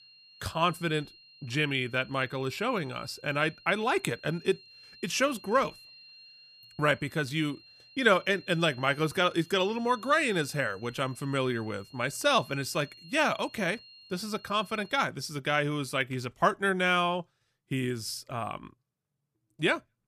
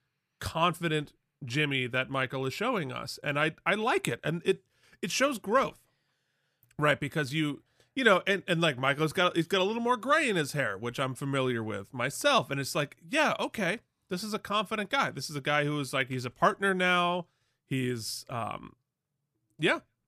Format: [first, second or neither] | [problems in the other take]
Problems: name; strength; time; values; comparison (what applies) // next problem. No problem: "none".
second | high-pitched whine; faint; until 15 s; 4 kHz, 20 dB below the speech